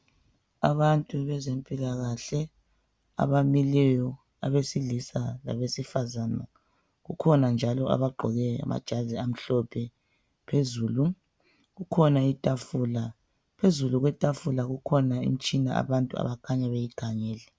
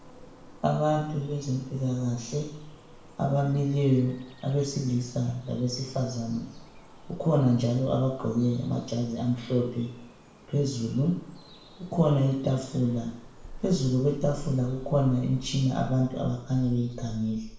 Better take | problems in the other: first | background sound (Bird vocalization, bird call, bird song); 17 dB below the speech // room echo; dies away in 0.6 s

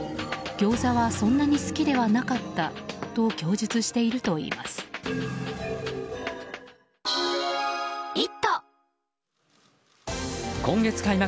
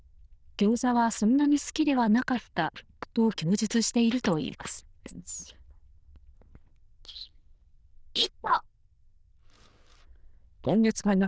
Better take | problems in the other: first | noise reduction (neural diffusion model UNIVERSE++)

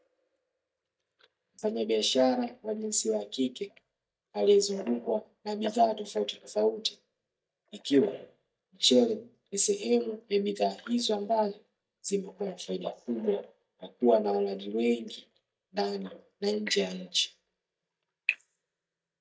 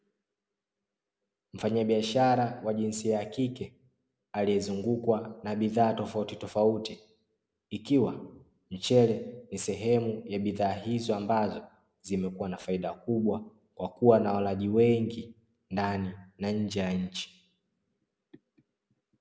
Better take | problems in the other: second | noise reduction (neural mask model DeepFilterNet 3)

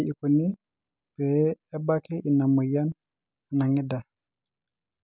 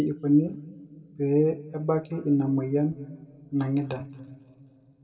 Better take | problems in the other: first | room echo; dies away in 1.7 s

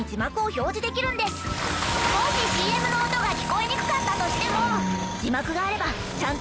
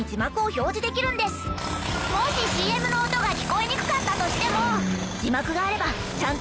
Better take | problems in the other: second | background sound (Wind instrument, woodwind instrument + Bathtub (filling or washing) / Splash, splatter); 6 dB below the speech

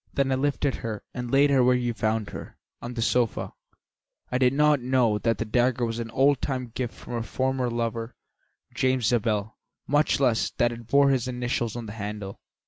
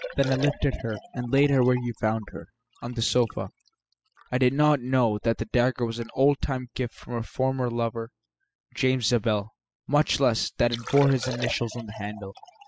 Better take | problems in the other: first | noise reduction (classical method spectral subtraction)

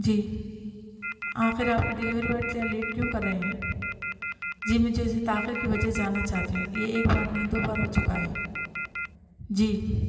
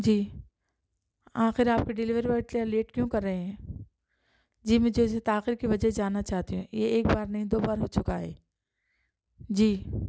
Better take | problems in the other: second | background sound (Telephone); 7 dB below the speech // room echo; dies away in 2.9 s

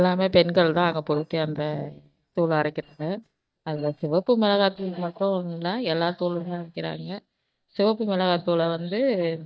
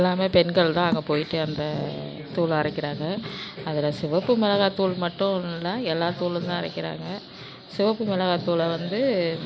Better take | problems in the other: second | noise reduction (neural mask model DeepFilterNet 3)

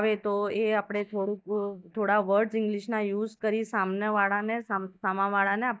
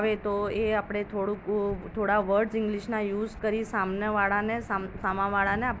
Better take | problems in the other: second | noise reduction (neural mask model DeepFilterNet 3)

